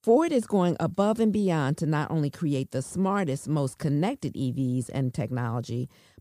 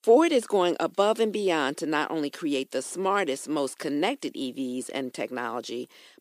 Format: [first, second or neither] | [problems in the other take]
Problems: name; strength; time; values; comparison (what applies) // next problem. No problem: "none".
first | thin; somewhat; fading below 300 Hz